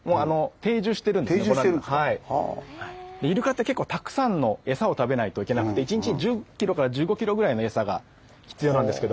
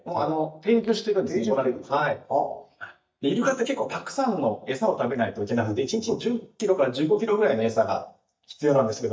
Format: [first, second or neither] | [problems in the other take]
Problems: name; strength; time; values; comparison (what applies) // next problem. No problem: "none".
first | noise reduction (neural mask model DeepFilterNet 3)